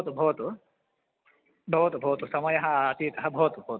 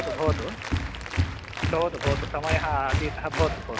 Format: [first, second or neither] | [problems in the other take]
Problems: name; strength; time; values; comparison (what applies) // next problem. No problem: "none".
first | background sound (Applause); 1 dB above the speech